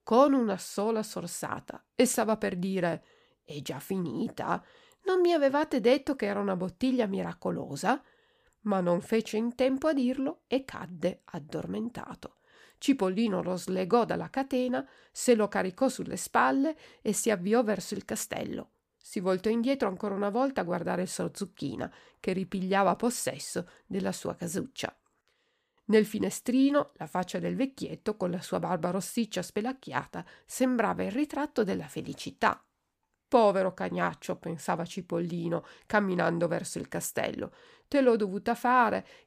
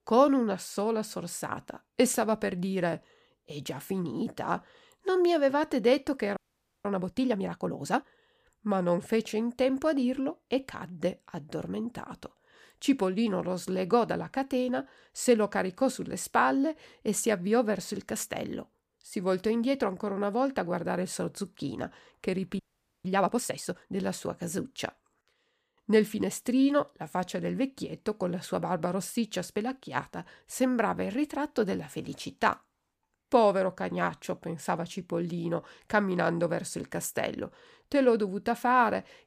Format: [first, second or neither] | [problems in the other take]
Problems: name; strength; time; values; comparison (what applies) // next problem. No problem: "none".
first | audio freezing; at 6.5 s and at 23 s